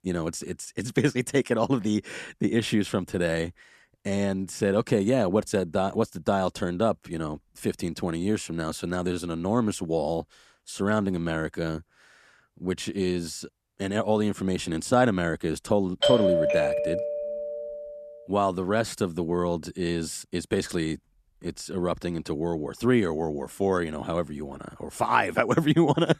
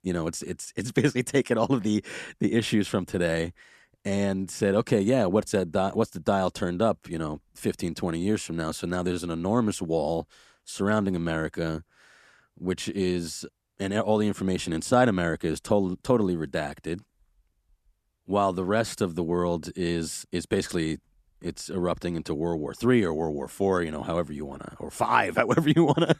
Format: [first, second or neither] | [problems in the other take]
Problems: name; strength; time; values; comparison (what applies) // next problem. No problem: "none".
second | doorbell; loud; from 16 to 18 s; peak 5 dB above the speech